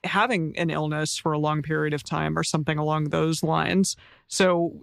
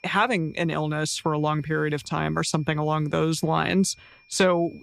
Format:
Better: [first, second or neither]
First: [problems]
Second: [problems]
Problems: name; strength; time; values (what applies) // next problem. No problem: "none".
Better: first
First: none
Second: high-pitched whine; faint; throughout; 2.5 kHz, 30 dB below the speech